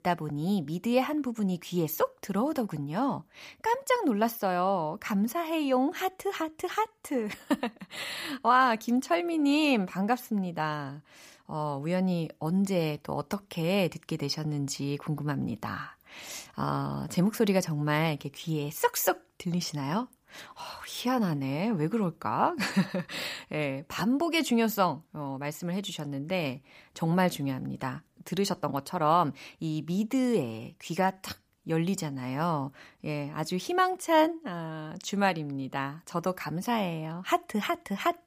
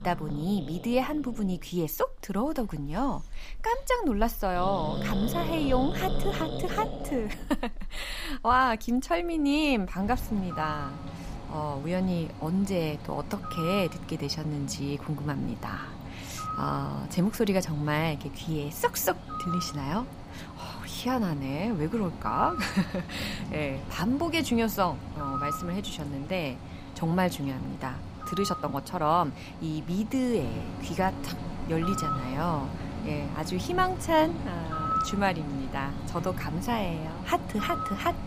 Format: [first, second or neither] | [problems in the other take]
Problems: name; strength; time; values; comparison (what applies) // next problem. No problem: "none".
first | animal sounds; loud; throughout; 7 dB below the speech